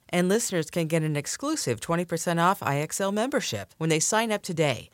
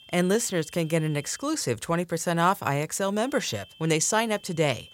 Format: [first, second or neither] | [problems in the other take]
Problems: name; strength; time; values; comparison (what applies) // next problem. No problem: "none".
first | high-pitched whine; faint; until 1.5 s and from 3.5 s on; 3 kHz, 25 dB below the speech